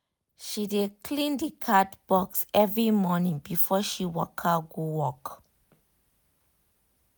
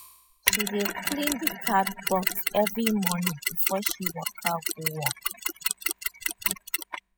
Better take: first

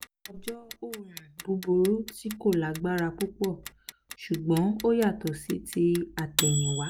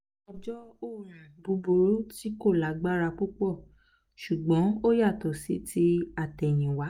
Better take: second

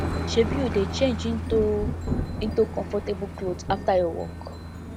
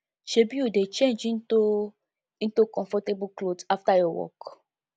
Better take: second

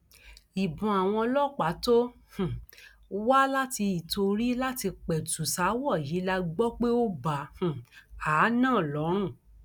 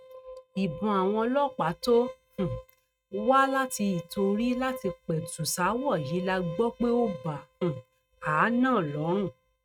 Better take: first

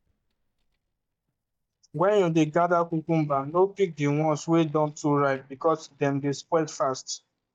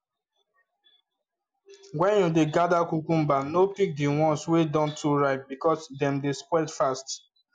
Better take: second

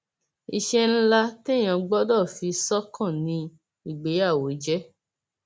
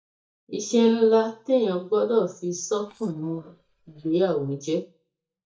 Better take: first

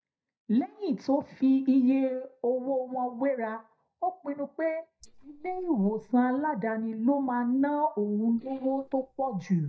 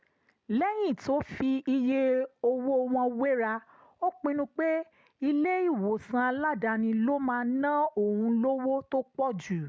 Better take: second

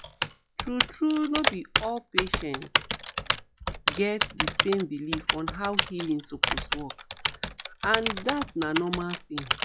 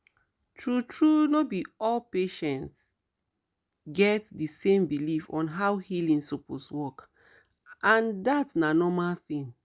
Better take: second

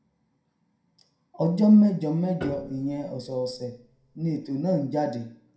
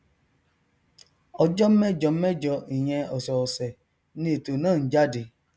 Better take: second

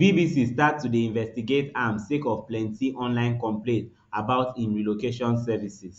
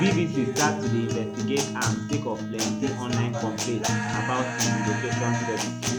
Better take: first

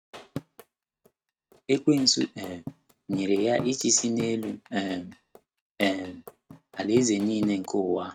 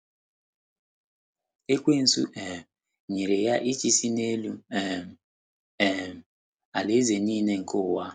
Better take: second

